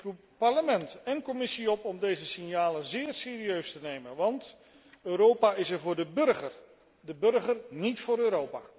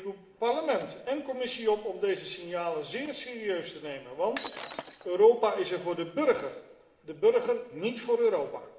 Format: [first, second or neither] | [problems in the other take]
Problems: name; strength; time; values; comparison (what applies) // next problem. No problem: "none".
first | background sound (Shatter); 14 dB below the speech // room echo; dies away in 0.8 s